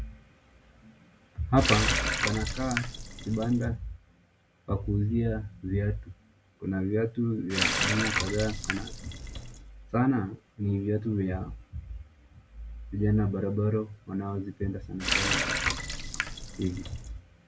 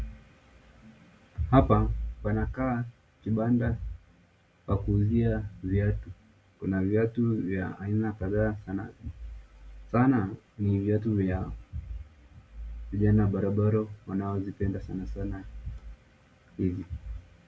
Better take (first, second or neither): second